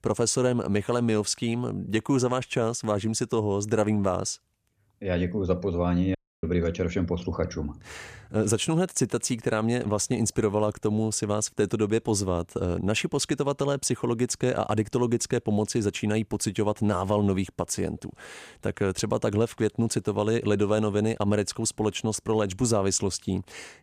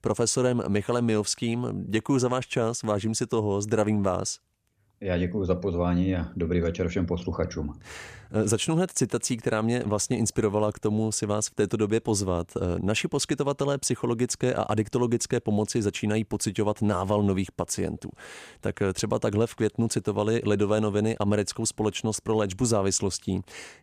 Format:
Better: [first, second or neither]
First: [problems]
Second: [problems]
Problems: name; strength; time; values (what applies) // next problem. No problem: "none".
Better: second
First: audio cutting out; at 6 s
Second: none